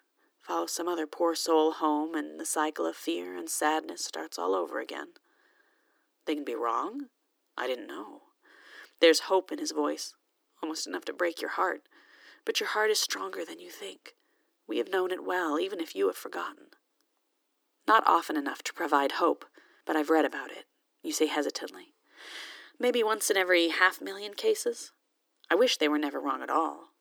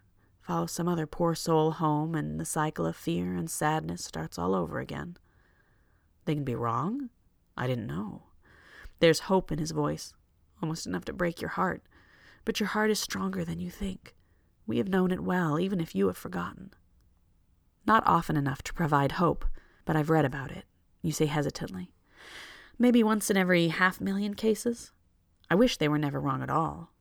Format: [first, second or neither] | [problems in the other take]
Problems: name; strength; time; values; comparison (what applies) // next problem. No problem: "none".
second | thin; somewhat; fading below 300 Hz